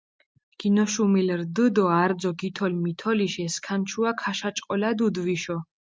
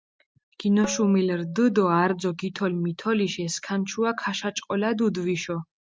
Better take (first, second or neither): first